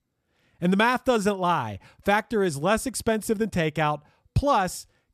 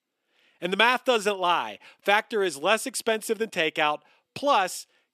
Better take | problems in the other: first | thin; somewhat; fading below 300 Hz

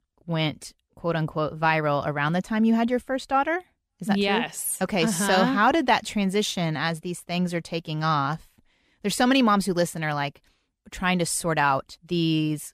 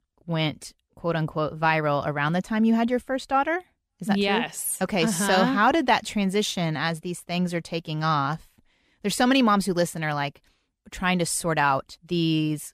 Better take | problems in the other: neither | none

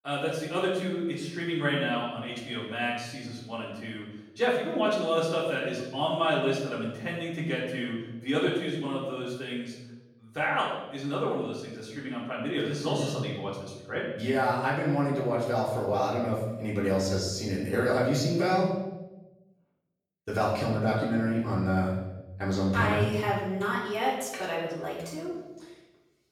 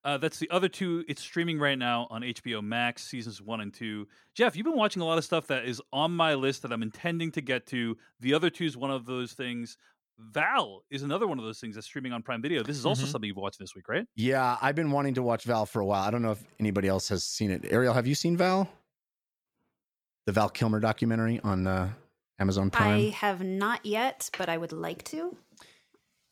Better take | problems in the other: second | off-mic speech; far // room echo; noticeable; dies away in 1 s

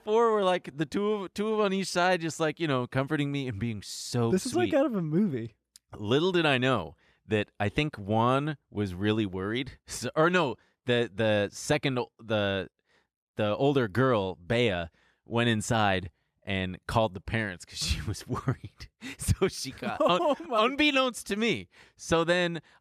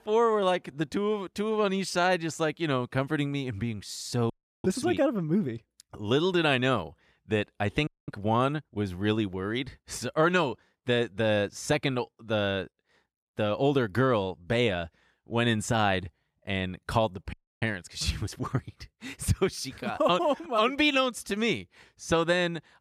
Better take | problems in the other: first | audio freezing; at 4.5 s, at 8 s and at 17 s

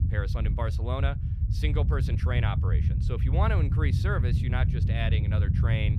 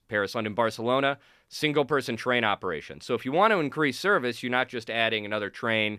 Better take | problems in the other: second | low rumble; loud; throughout; 6 dB below the speech

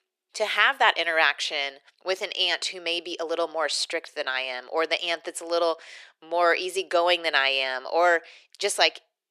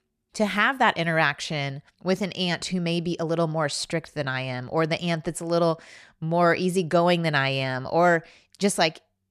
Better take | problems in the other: second | thin; very; fading below 400 Hz

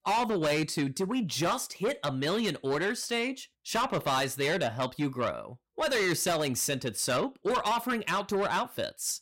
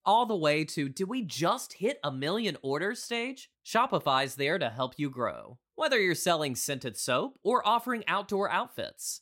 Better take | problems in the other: second | distortion; heavy; 7 dB below the speech

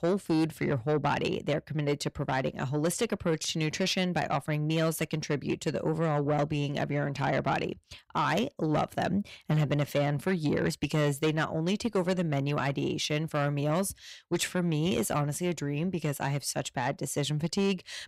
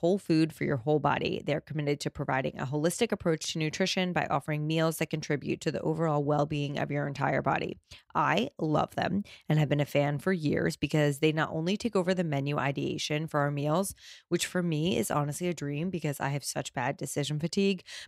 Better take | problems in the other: second | distortion; slight; 10 dB below the speech

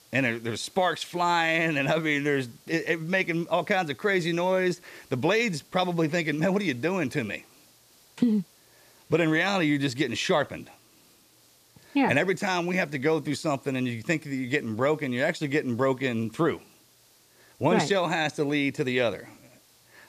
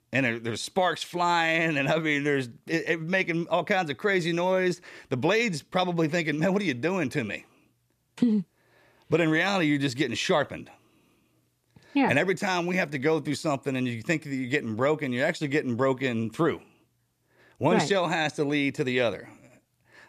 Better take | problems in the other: second | hiss; faint; throughout; 30 dB below the speech

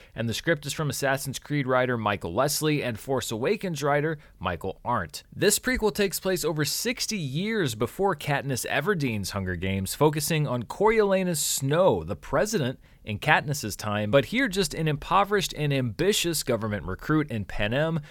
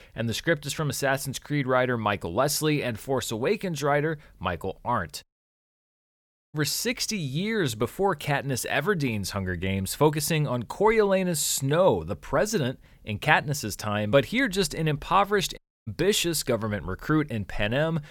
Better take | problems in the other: first | audio cutting out; at 5 s for 1.5 s and at 16 s

